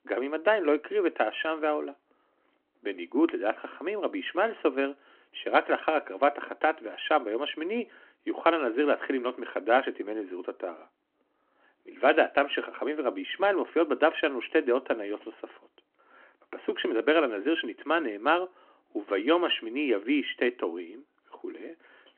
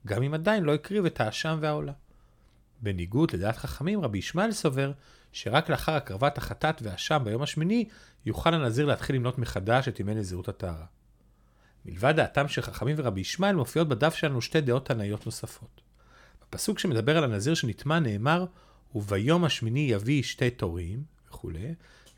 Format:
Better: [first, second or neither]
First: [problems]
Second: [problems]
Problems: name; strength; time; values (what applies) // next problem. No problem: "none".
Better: second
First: phone-call audio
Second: none